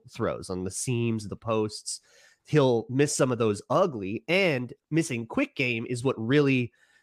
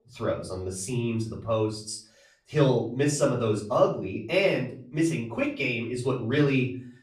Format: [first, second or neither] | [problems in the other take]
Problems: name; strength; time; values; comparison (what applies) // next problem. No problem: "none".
first | off-mic speech; far // room echo; slight; dies away in 0.4 s